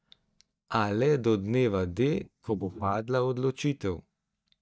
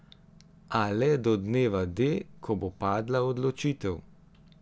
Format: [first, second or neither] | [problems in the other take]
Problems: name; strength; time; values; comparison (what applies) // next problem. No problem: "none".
second | noise reduction (neural mask model DeepFilterNet 3)